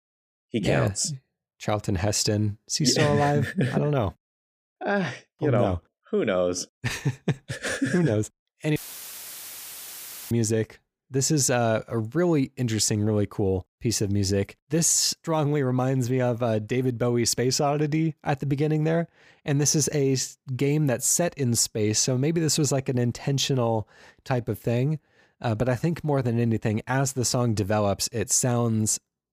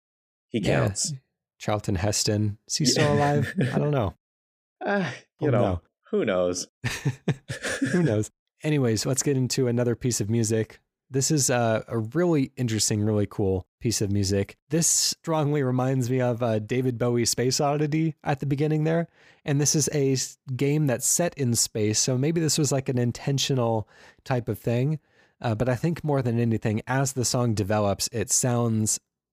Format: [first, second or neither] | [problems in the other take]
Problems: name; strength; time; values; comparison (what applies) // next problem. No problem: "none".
second | audio cutting out; filled with static; at 9 s for 1.5 s